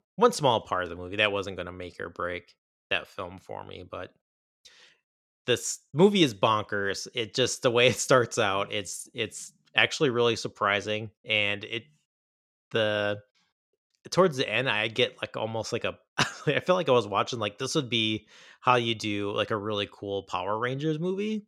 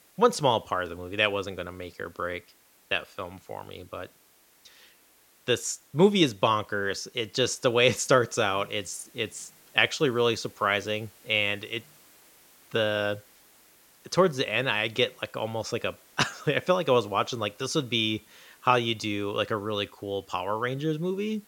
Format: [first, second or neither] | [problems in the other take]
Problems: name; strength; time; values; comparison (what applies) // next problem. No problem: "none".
first | hiss; faint; throughout; 30 dB below the speech